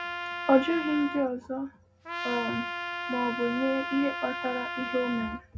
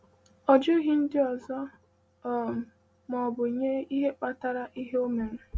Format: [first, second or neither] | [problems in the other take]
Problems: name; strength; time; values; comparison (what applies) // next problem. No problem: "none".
second | background sound (Trumpet); 6 dB below the speech // room echo; dies away in 0.4 s